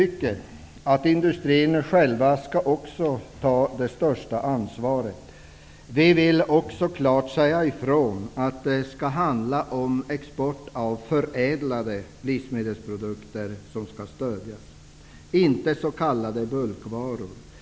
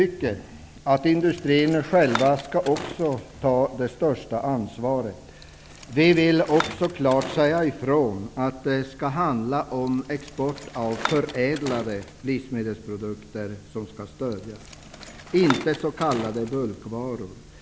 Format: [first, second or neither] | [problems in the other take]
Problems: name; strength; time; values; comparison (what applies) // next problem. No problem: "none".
first | background sound (Bicycle); 15 dB below the speech